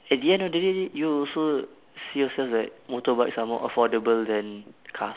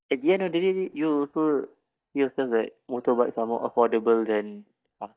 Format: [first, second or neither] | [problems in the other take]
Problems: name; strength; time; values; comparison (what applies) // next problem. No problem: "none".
first | noise reduction (neural mask model DeepFilterNet 3)